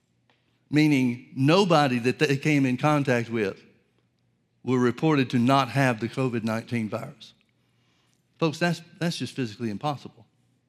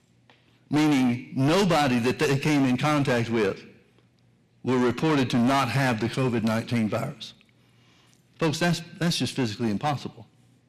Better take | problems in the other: first | distortion; heavy; 6 dB below the speech

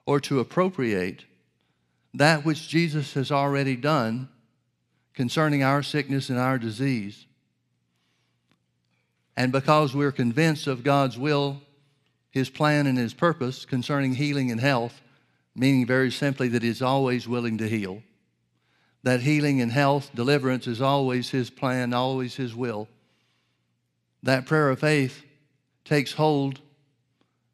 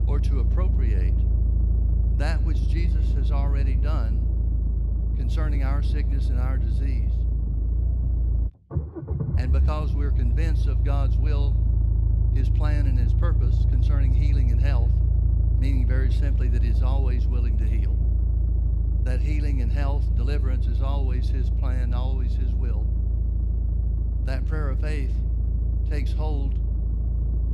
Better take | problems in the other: first | low rumble; loud; throughout; 2 dB below the speech

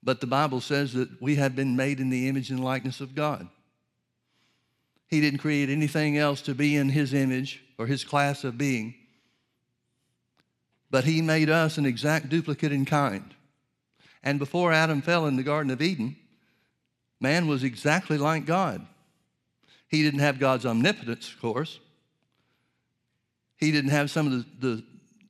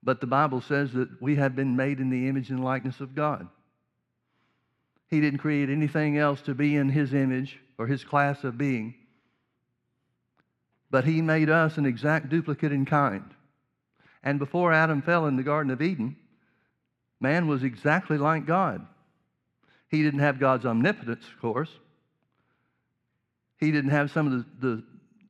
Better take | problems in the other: first | muffled; slightly; fading above 3 kHz

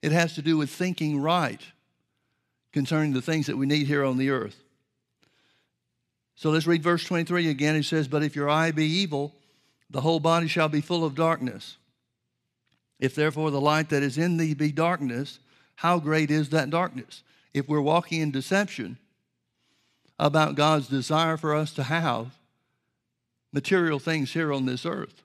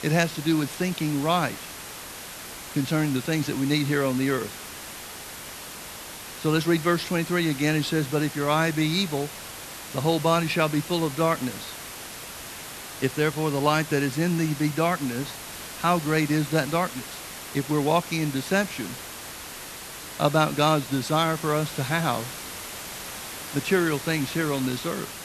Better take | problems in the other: first | hiss; noticeable; throughout; 10 dB below the speech

